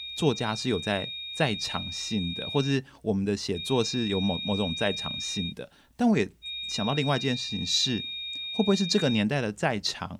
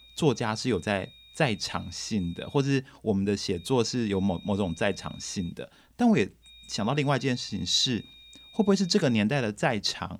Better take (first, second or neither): second